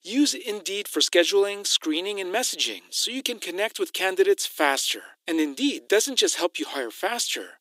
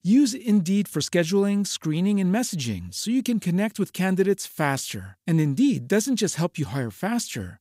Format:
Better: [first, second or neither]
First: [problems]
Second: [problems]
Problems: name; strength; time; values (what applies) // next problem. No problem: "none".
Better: second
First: thin; somewhat; fading below 300 Hz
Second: none